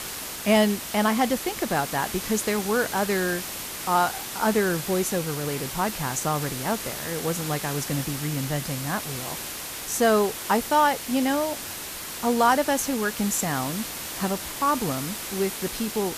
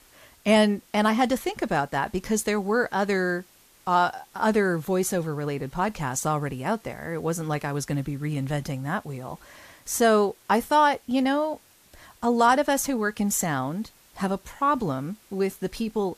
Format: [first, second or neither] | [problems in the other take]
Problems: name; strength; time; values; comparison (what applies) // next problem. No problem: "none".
second | hiss; loud; throughout; 6 dB below the speech; faint in the second